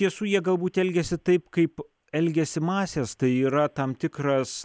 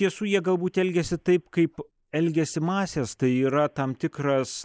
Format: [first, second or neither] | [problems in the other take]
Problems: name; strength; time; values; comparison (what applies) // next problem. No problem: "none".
first | noise reduction (neural mask model Resemble Enhance denoiser)